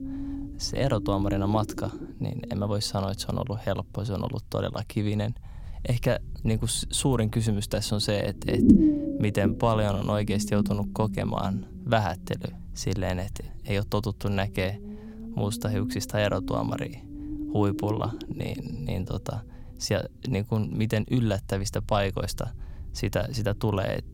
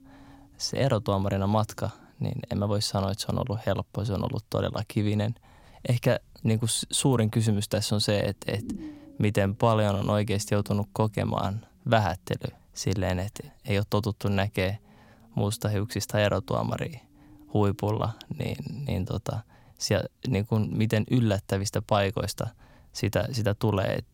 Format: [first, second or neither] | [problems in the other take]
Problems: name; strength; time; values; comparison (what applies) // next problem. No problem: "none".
second | low rumble; loud; throughout; 4 dB below the speech; faint in the second